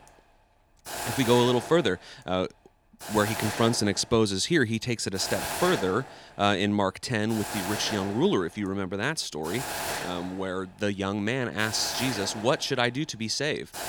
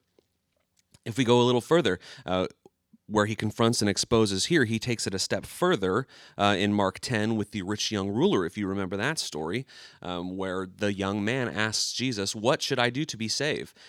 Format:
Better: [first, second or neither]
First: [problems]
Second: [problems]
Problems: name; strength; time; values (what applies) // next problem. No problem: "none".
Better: second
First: hiss; loud; throughout; 7 dB below the speech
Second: none